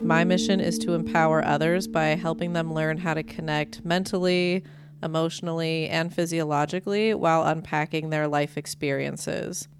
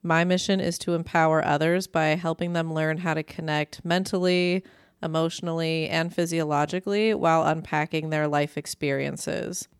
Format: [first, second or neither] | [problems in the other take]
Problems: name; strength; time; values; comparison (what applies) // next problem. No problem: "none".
second | background music; loud; throughout; 7 dB below the speech